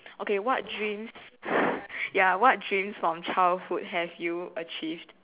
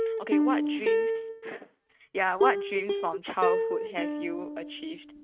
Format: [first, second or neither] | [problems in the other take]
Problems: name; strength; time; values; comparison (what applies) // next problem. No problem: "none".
first | noise reduction (neural mask model RNNoise)